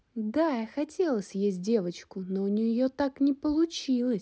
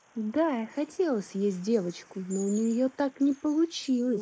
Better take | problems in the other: first | noise reduction (neural mask model Resemble Enhance denoiser)

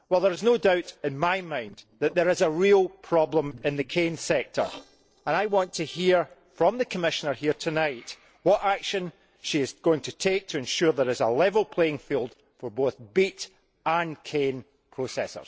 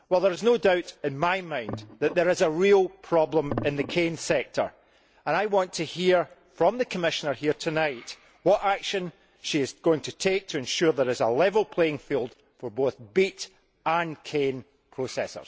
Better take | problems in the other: second | noise reduction (neural separator model SepFormer DNS4)

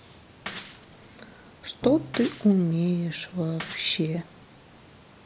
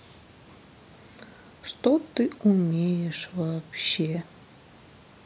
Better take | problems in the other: second | background sound (Drum + Shatter / Crushing); 14 dB below the speech

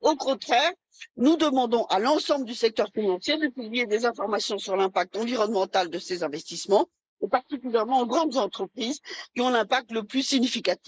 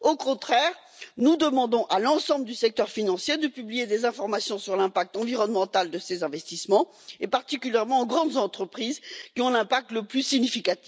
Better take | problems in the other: second | noise reduction (neural mask model Resemble Enhance denoiser)

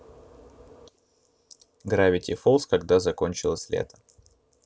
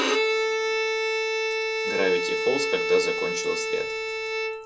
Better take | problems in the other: first | background sound (Bowed string instrument); 4 dB above the speech // room echo; dies away in 0.2 s

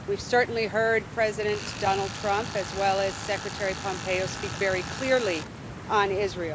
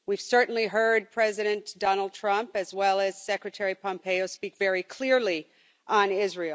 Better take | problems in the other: second | background sound (Tools + Stream); 9 dB below the speech

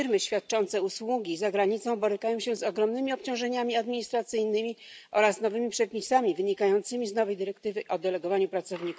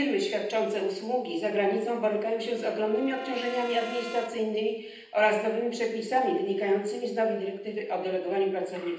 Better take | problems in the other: first | background sound (Brass instrument); 16 dB below the speech // room echo; dies away in 0.9 s

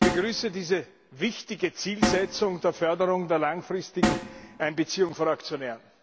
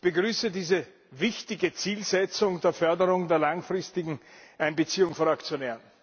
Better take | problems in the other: second | background sound (Snare drum); 4 dB below the speech

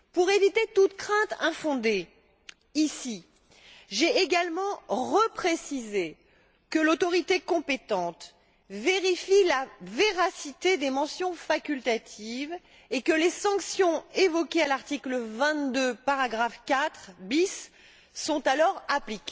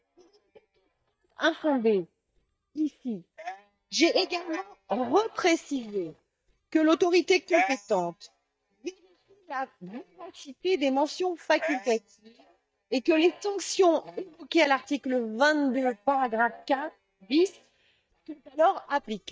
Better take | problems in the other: first | noise reduction (neural mask model DeepFilterNet 3)

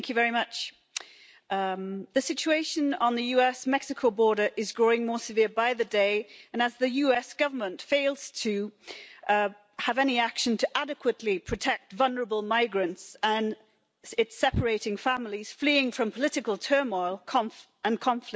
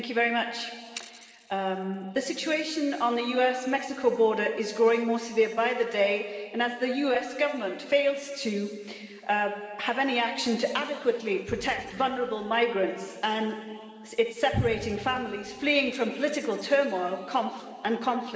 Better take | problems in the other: first | room echo; dies away in 2.2 s

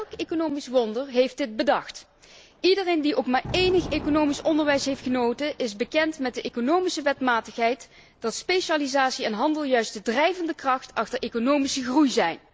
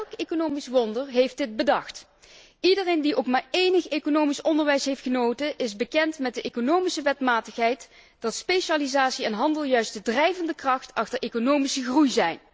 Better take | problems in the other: second | background sound (Thunder); 20 dB below the speech

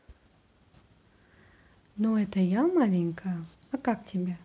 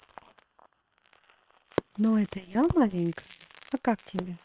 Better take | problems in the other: first | noise reduction (neural separator model SepFormer WHAM!)

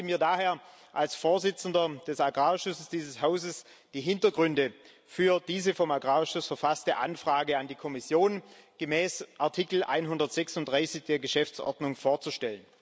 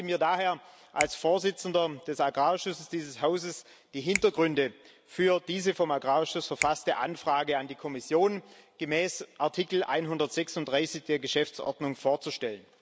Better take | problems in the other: first | background sound (Finger snapping); 13 dB below the speech

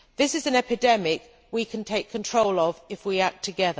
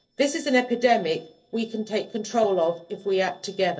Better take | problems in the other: first | noise reduction (neural separator model SepFormer DNS4)

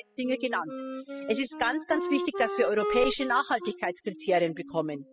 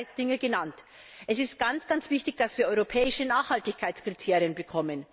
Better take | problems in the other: second | noise reduction (classical method spectral subtraction)

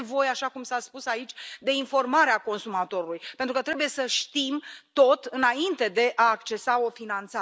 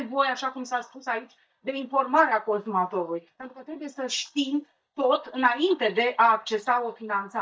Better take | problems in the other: first | noise reduction (neural mask model DeepFilterNet 3)

